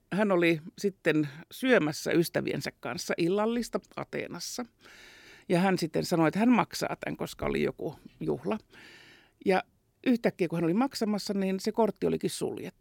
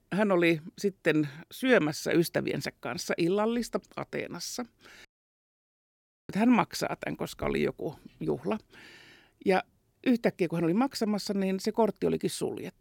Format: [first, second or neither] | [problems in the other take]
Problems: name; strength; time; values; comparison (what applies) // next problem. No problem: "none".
first | audio cutting out; at 5 s for 1 s